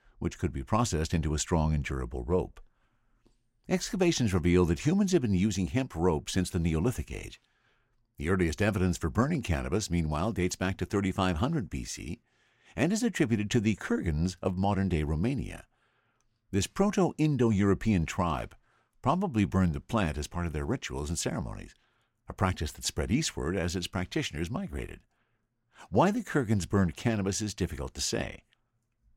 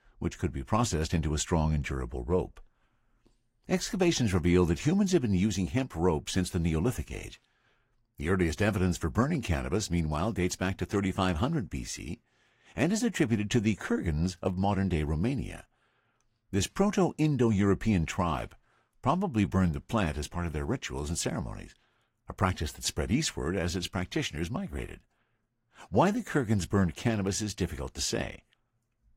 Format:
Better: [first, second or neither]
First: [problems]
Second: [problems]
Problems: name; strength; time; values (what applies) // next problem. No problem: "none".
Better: first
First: none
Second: garbled, watery; slightly; nothing above 16 kHz